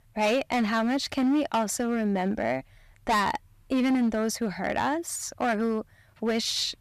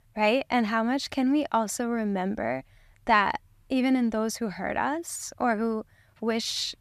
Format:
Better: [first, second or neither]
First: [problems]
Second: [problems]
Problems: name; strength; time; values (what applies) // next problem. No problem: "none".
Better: second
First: distortion; slight; 9% of the sound clipped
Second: none